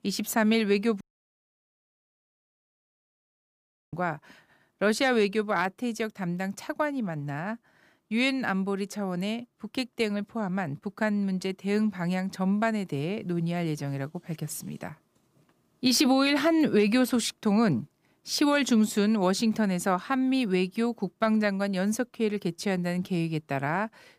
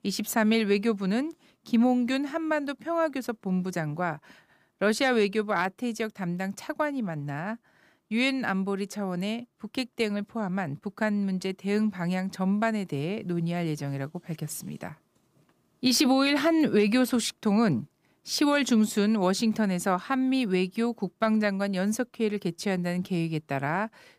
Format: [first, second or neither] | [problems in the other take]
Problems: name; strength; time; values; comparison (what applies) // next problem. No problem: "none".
second | audio cutting out; at 1 s for 3 s